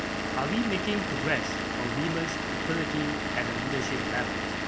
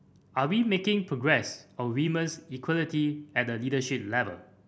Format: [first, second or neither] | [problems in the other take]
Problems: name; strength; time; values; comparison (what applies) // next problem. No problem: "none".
second | background sound (Engine / Vehicle); 2 dB above the speech